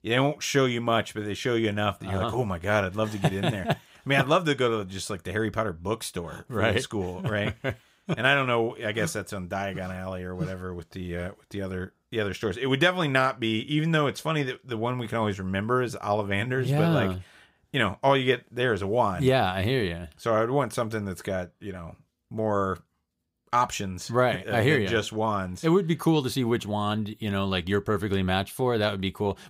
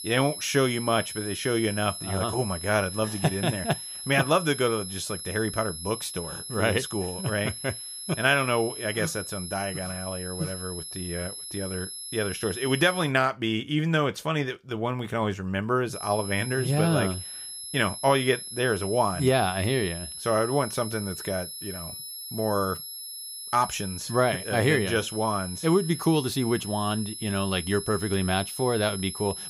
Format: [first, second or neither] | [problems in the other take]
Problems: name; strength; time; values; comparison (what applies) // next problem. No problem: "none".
first | high-pitched whine; loud; until 13 s and from 16 s on; 11 kHz, 8 dB below the speech